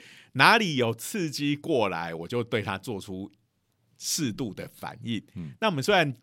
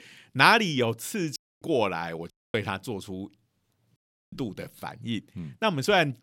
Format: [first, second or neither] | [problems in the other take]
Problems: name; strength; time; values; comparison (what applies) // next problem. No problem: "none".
first | audio cutting out; at 1.5 s, at 2.5 s and at 4 s